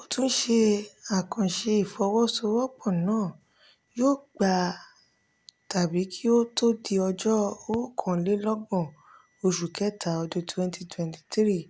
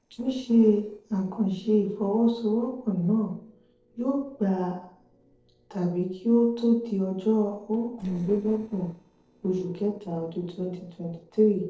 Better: first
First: none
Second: noise reduction (neural separator model SepFormer DNS4)

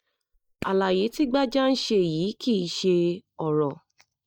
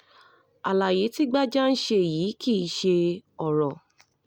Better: second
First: noise reduction (neural mask model DeepFilterNet 3)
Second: none

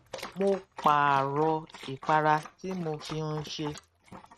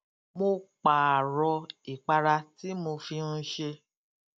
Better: second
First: noise reduction (neural mask model RNNoise)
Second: none

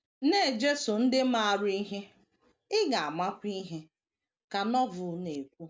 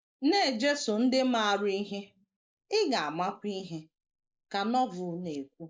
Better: first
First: none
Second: noise reduction (neural mask model Resemble Enhance denoiser)

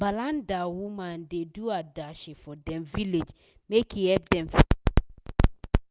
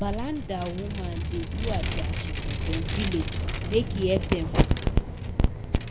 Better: first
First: none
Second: background sound (Vehicle); 2 dB below the speech // room echo; dies away in 1.6 s

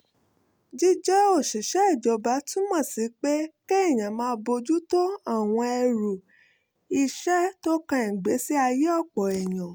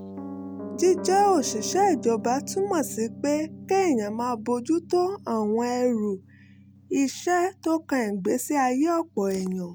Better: first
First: none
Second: background sound (Piano); 14 dB below the speech

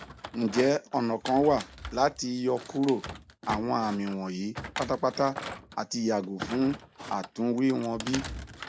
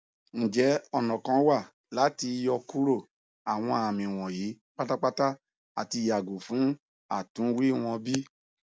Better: second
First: background sound (Thump, thud); 13 dB below the speech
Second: none

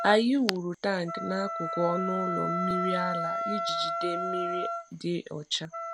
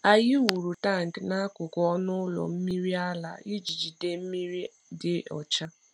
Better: second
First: background sound (Wind instrument, woodwind instrument); 3 dB below the speech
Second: none

